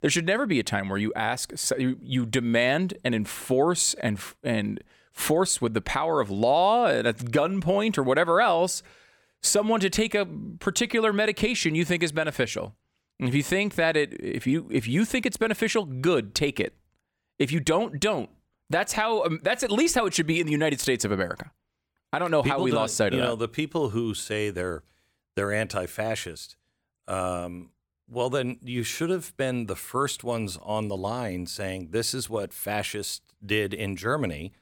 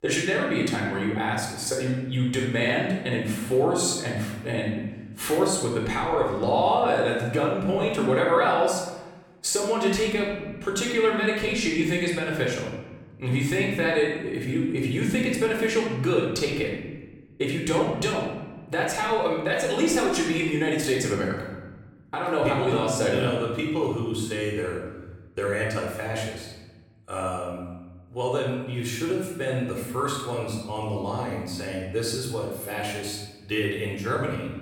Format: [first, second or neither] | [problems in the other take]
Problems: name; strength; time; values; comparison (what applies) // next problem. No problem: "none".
first | off-mic speech; somewhat distant // room echo; noticeable; dies away in 1.1 s